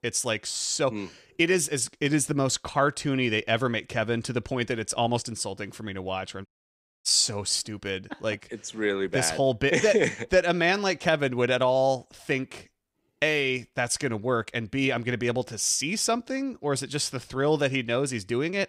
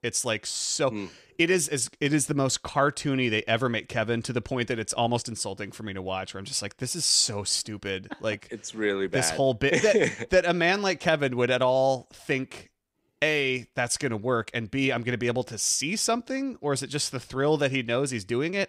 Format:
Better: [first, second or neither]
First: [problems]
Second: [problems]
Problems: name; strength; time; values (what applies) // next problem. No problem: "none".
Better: second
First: audio cutting out; at 6.5 s for 0.5 s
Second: none